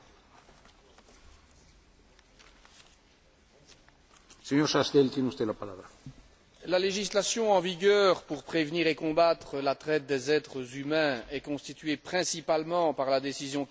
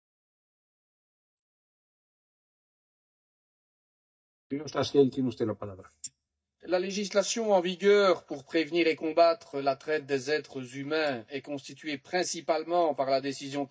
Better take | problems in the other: first | noise reduction (neural mask model DeepFilterNet 3)

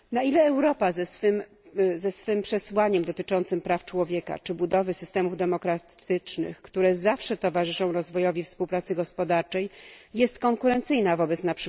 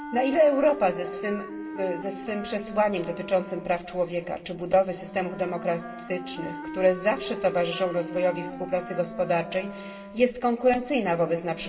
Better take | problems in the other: first | background sound (Wind instrument, woodwind instrument); 13 dB below the speech // room echo; dies away in 1.7 s

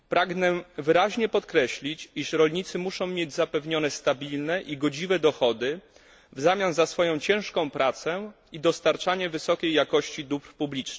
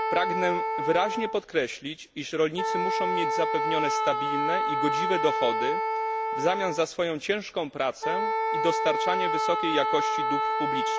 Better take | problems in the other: first | background sound (Wind instrument, woodwind instrument); 1 dB above the speech

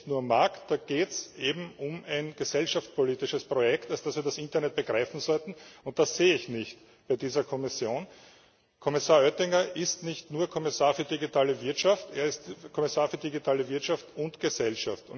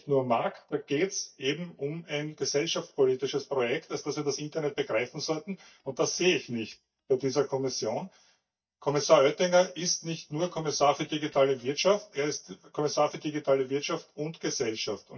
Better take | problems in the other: first | noise reduction (neural mask model DeepFilterNet 3)

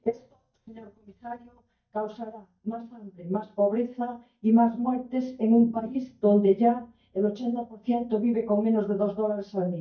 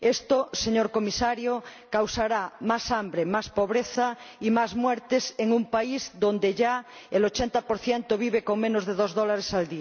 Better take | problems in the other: second | noise reduction (neural mask model DeepFilterNet 3)

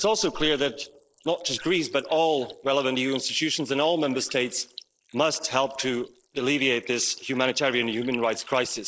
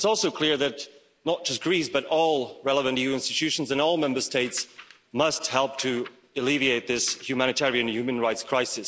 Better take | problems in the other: second | noise reduction (neural mask model Resemble Enhance denoiser)

